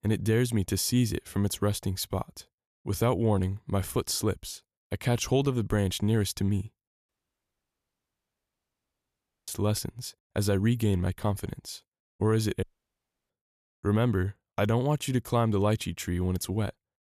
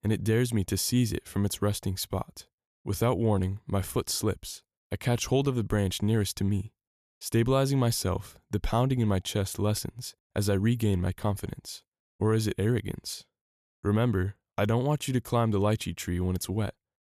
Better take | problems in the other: second | audio cutting out; at 7 s for 2.5 s and at 13 s for 0.5 s

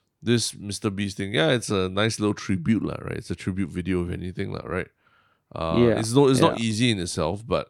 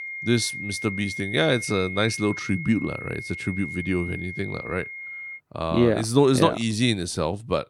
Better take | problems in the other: first | high-pitched whine; loud; until 5.5 s; 2 kHz, 8 dB below the speech

